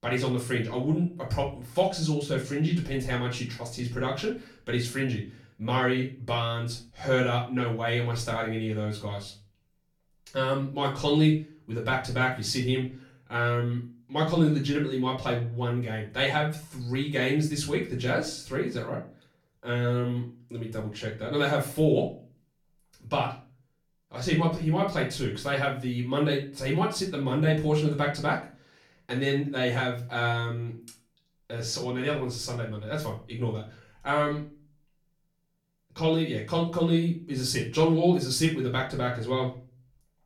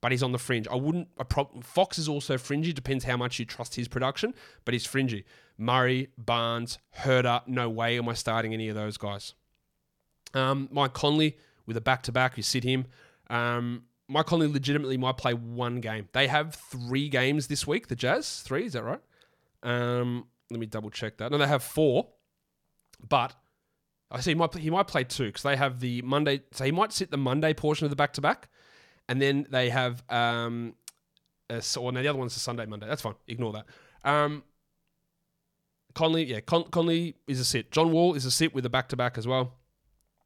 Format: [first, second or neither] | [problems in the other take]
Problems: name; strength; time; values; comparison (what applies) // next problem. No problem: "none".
second | room echo; slight; dies away in 0.3 s // off-mic speech; far